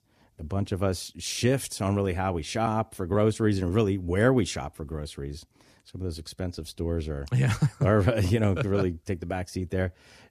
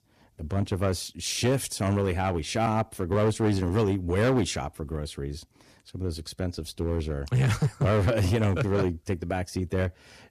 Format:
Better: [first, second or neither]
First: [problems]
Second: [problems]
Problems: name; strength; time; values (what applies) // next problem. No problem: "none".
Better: first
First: none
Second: distortion; slight; 7% of the sound clipped